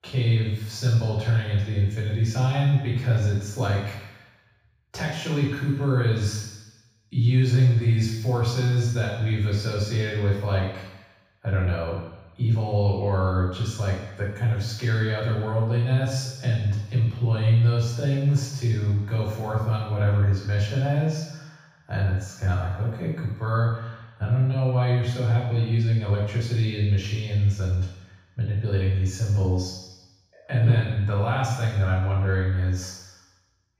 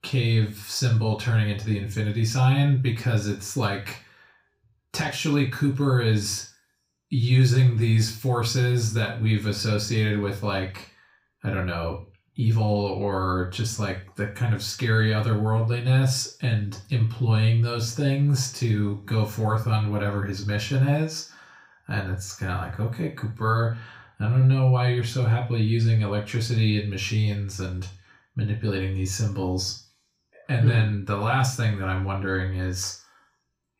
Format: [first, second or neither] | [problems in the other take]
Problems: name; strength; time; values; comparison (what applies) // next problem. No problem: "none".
second | room echo; strong; dies away in 1.1 s; slight in the second // off-mic speech; far; far in the second